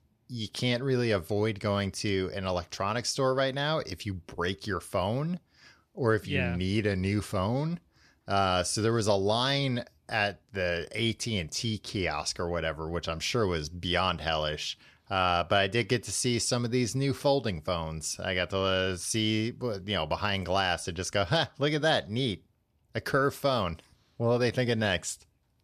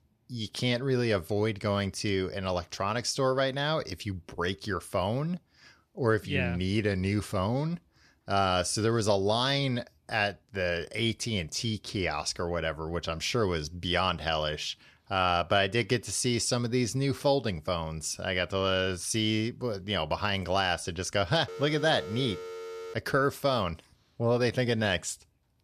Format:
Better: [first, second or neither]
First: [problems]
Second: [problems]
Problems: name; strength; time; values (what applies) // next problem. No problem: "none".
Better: first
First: none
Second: phone ringing; faint; from 21 to 23 s; peak 10 dB below the speech